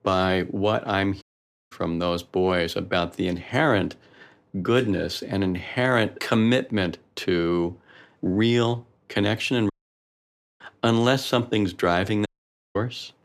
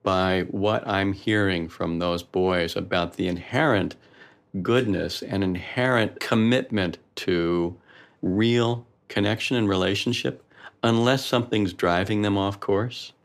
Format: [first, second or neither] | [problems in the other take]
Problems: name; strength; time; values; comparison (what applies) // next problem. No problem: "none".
second | audio cutting out; at 1 s, at 9.5 s for 1 s and at 12 s